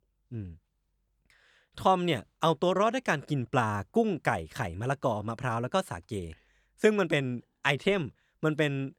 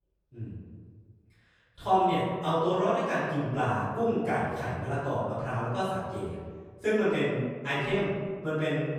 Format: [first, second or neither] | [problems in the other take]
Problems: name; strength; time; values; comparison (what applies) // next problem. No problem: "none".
first | off-mic speech; far // room echo; strong; dies away in 1.6 s